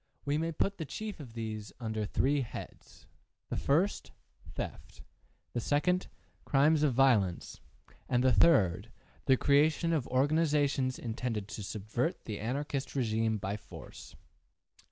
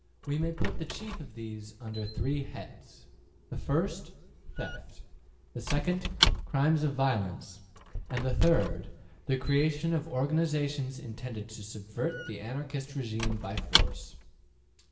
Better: first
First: none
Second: background sound (Squeak / Wood); 4 dB below the speech // room echo; dies away in 0.7 s

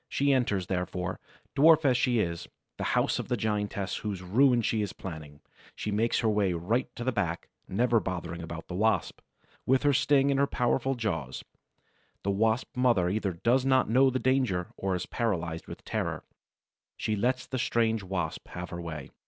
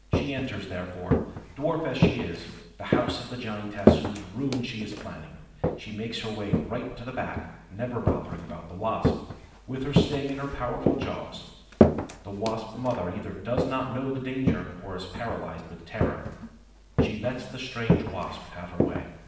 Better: first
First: none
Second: background sound (Walk, footsteps); 3 dB above the speech // room echo; dies away in 1 s

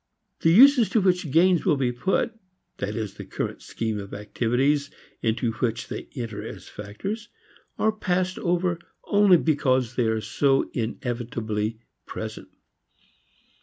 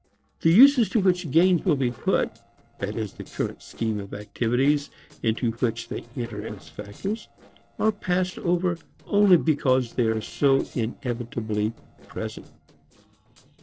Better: first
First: none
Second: noise reduction (neural separator model SepFormer DNS4)

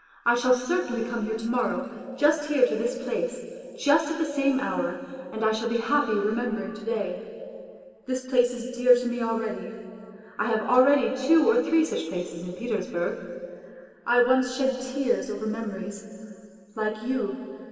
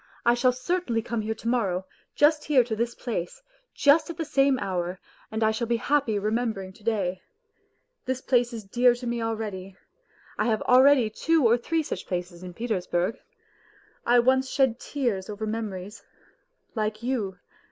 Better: second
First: room echo; dies away in 2.5 s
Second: none

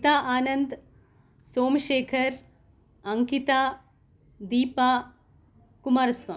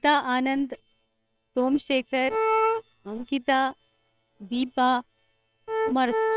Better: first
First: none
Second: noise reduction (neural separator model SepFormer WHAM!)

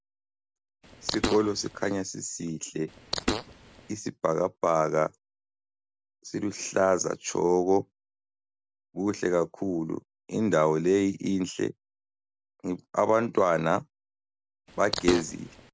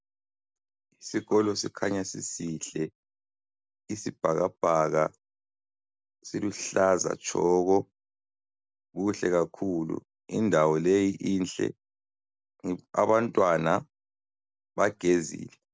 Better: second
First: background sound (Fart); 5 dB below the speech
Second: none

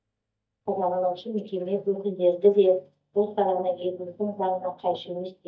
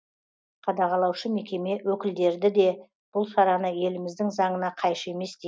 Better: second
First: noise reduction (neural mask model DeepFilterNet 3)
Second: none

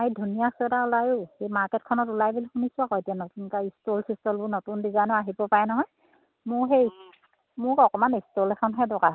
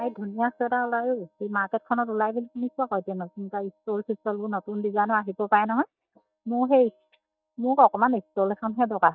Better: first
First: none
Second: noise reduction (neural mask model DeepFilterNet 3)

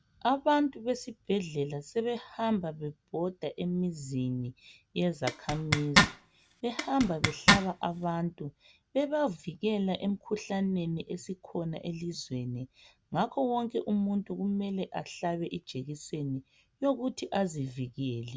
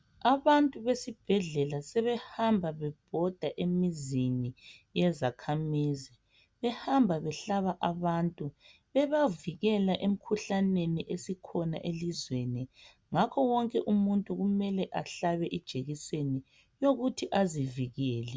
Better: second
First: background sound (Zipper (clothing)); 3 dB above the speech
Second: none

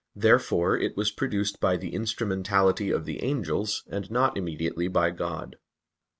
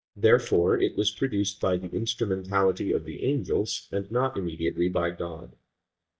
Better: first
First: none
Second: noise reduction (neural mask model DeepFilterNet 3)

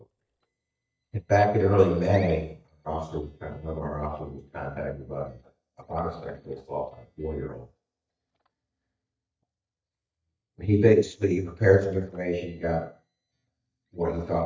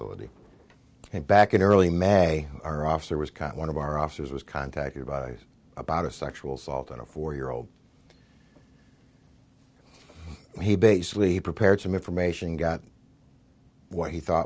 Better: second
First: noise reduction (neural mask model DeepFilterNet 3)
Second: none

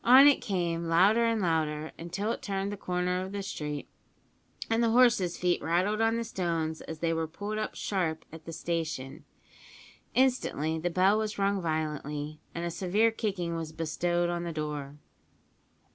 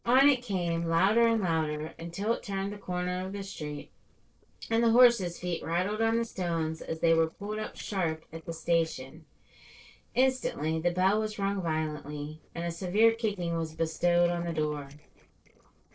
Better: first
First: none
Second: noise reduction (neural separator model SepFormer DNS4)

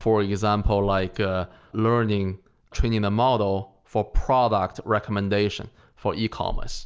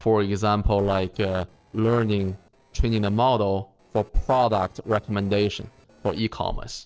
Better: first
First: none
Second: noise reduction (neural separator model SepFormer DNS4)

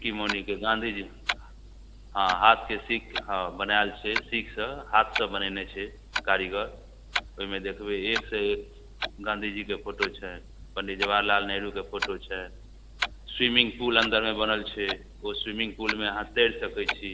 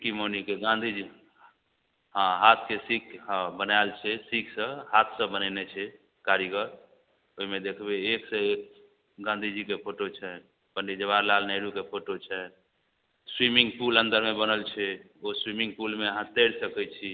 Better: second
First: background sound (Clock); 9 dB below the speech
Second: none

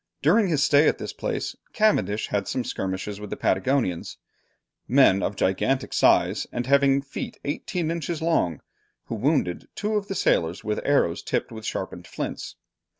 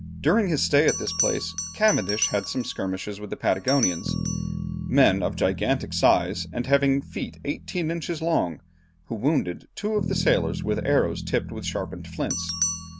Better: first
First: none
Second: background sound (Bass guitar + Bell); 7 dB below the speech

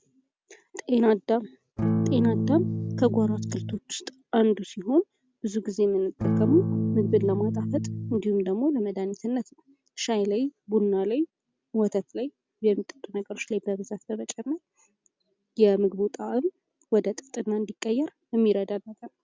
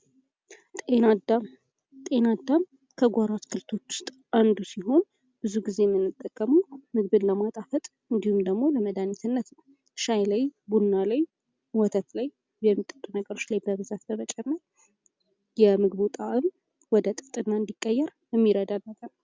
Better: second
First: background sound (Electric guitar / Strum); as loud as the speech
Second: none

